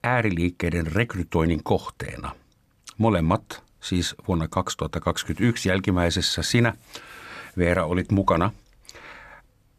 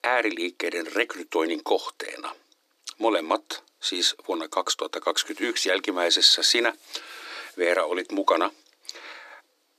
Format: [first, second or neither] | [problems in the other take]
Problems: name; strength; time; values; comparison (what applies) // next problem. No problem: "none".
first | thin; very; fading below 300 Hz